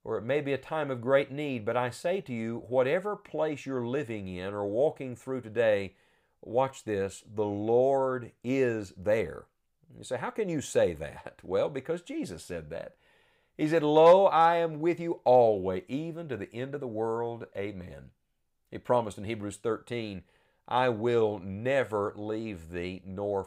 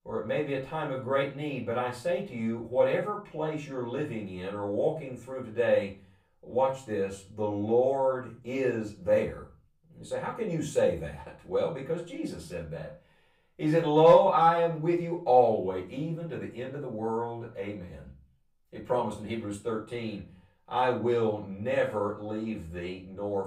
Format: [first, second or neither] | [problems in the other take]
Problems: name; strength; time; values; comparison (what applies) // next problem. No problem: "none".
first | off-mic speech; far // room echo; slight; dies away in 0.4 s